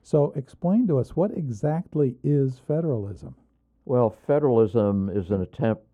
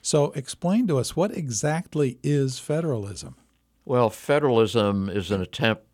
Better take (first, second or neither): second